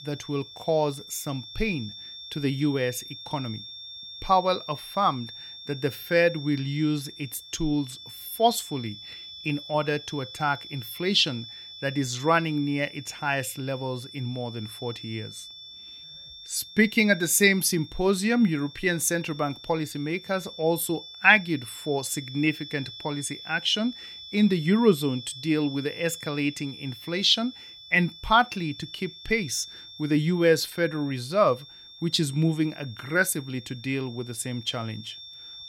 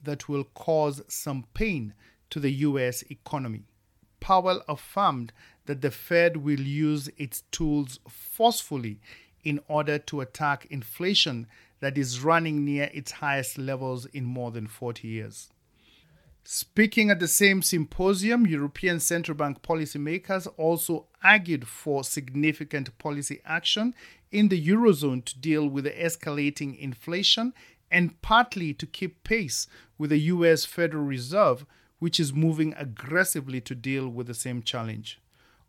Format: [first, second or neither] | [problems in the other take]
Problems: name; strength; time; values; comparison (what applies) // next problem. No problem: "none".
second | high-pitched whine; noticeable; throughout; 3.5 kHz, 15 dB below the speech